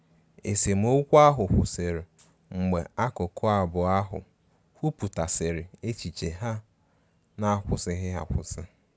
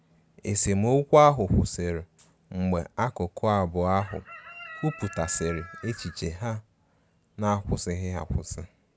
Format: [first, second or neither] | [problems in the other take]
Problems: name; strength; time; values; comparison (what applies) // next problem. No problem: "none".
first | background sound (Chicken, rooster); 16 dB below the speech